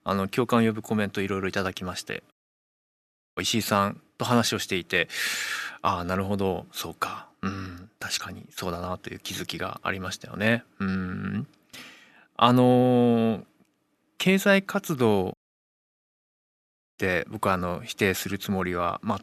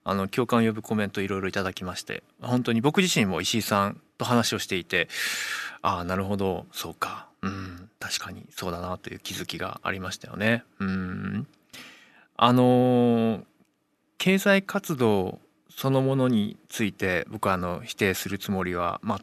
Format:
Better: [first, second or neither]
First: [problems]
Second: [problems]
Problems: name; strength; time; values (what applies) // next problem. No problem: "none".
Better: second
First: audio cutting out; at 2.5 s for 1 s and at 15 s for 1.5 s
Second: none